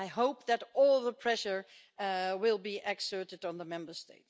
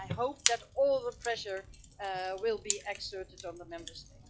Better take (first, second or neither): first